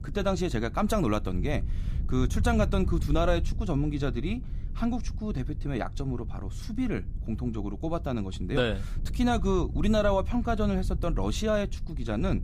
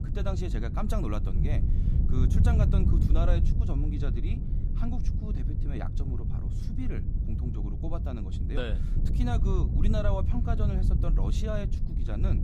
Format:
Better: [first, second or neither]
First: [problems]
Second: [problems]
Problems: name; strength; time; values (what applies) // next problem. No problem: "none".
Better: first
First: wind noise on the microphone; occasional gusts; 20 dB below the speech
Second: wind noise on the microphone; heavy; 4 dB below the speech